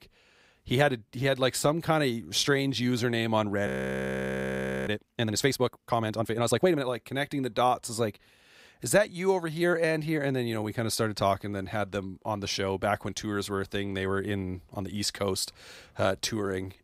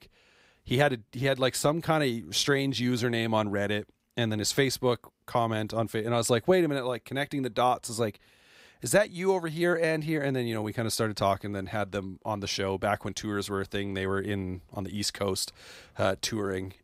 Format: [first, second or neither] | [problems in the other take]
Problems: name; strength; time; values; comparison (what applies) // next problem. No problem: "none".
second | audio freezing; at 3.5 s for 1 s